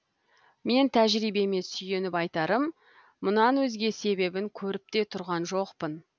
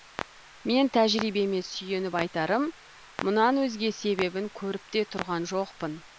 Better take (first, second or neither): first